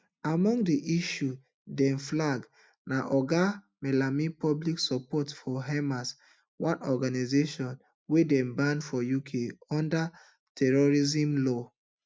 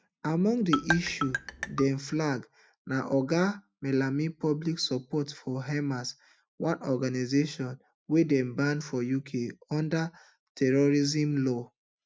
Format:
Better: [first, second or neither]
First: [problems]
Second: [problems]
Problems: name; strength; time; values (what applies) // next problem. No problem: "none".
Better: first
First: none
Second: background sound (Marimba, xylophone); 4 dB below the speech